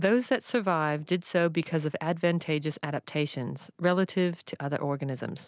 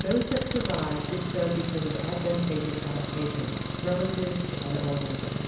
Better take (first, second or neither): first